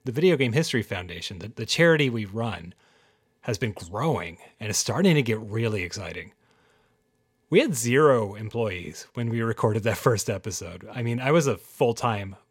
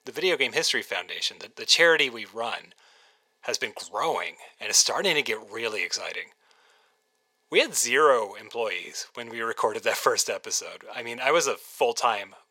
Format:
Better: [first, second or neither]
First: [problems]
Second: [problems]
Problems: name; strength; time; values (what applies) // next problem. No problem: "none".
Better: first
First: none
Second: thin; very; fading below 650 Hz